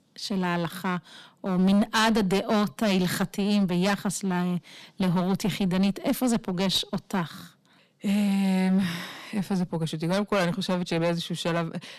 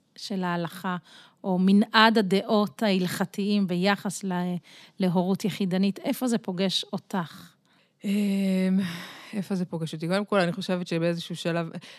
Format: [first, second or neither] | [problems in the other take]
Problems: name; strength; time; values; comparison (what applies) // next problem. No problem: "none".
second | distortion; heavy; 11% of the sound clipped